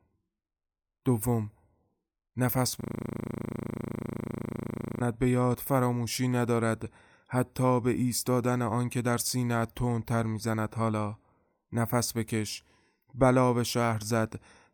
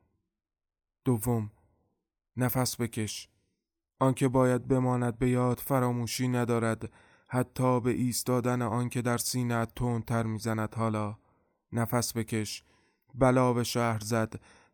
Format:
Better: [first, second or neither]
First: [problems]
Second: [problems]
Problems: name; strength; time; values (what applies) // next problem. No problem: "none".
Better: second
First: audio freezing; at 3 s for 2 s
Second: none